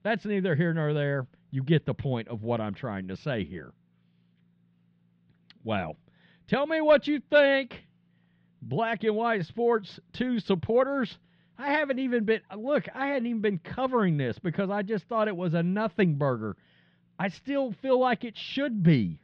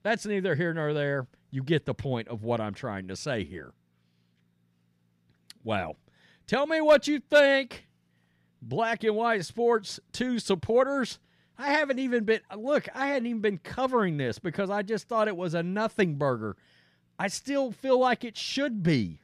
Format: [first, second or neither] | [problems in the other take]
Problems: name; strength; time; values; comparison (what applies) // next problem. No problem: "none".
second | muffled; slightly; fading above 3.5 kHz